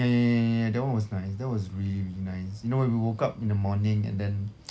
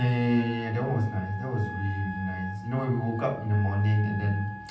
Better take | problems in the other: first | background sound (Wind instrument, woodwind instrument); 12 dB below the speech // room echo; dies away in 0.6 s

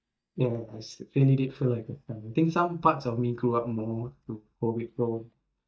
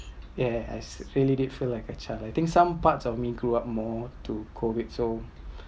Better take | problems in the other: second | noise reduction (neural mask model DeepFilterNet 3)

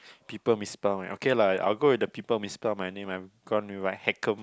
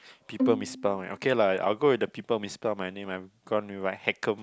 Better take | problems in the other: first | background sound (Bowed string instrument); 5 dB below the speech

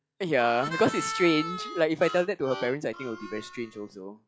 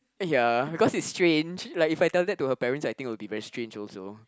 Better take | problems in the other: second | noise reduction (classical method log-MMSE)

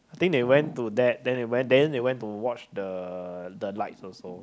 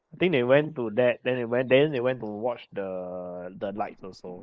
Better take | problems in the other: first | noise reduction (neural mask model Resemble Enhance denoiser)

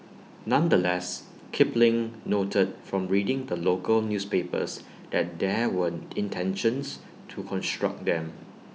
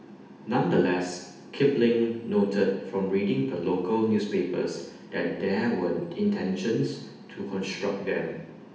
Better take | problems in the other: first | room echo; dies away in 0.8 s

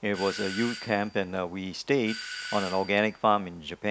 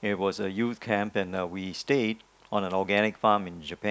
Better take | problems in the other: second | background sound (Doorbell); 13 dB below the speech

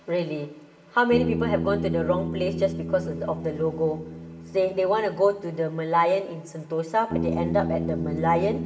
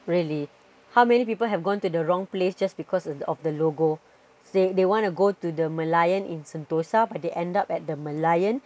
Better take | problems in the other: second | background sound (Bass guitar); 6 dB below the speech // room echo; dies away in 0.8 s

